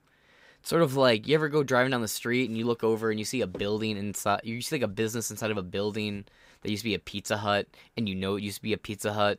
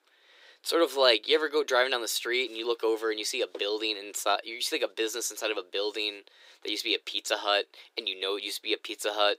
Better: first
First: none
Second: thin; very; fading below 350 Hz

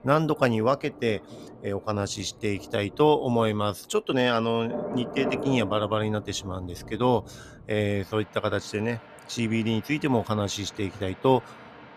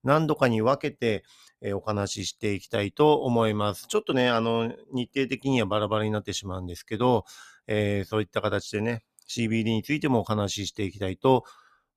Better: second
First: rain or running water; noticeable; throughout; 15 dB below the speech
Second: none

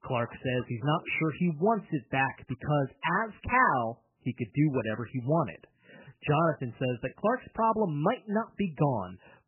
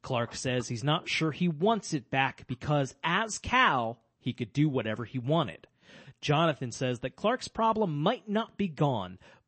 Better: second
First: garbled, watery; badly; nothing above 3 kHz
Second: garbled, watery; slightly; nothing above 8 kHz

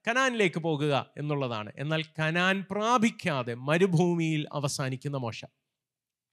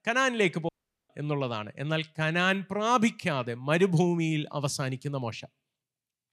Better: first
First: none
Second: audio cutting out; at 0.5 s

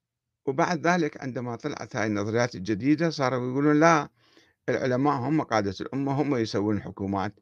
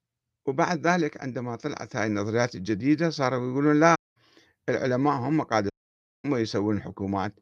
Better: first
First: none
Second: audio cutting out; at 4 s and at 5.5 s for 0.5 s

